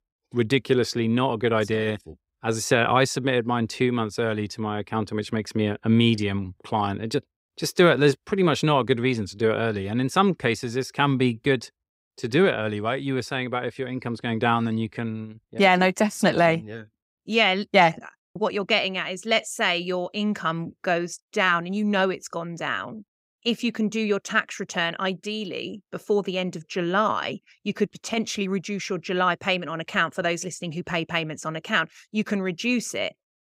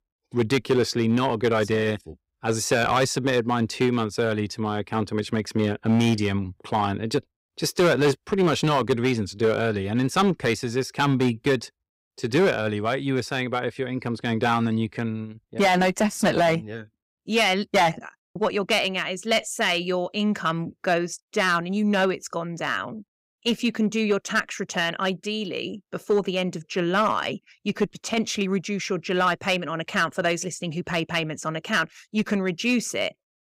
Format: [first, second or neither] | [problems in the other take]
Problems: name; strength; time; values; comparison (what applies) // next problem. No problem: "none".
first | distortion; slight; 4% of the sound clipped